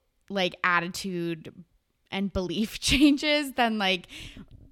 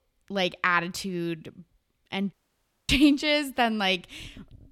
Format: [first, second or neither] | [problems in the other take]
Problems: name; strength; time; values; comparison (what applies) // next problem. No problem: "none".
first | audio cutting out; at 2.5 s for 0.5 s